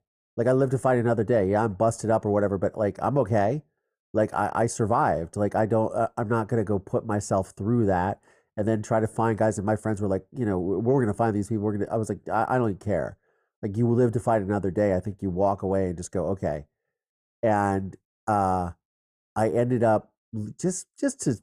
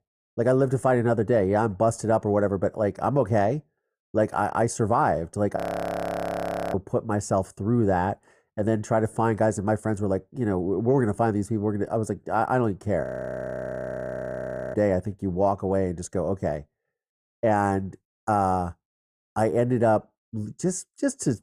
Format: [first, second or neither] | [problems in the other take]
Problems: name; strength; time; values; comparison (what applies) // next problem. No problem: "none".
first | audio freezing; at 5.5 s for 1 s and at 13 s for 1.5 s